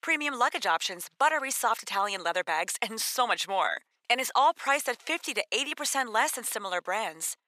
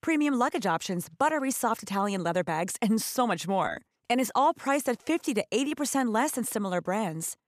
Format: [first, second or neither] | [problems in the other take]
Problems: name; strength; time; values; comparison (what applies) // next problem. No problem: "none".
second | thin; very; fading below 650 Hz